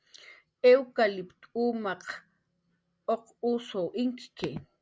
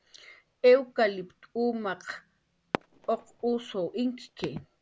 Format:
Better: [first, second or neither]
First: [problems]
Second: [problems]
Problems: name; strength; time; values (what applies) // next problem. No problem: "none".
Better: first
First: none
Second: background sound (Fireworks); 16 dB below the speech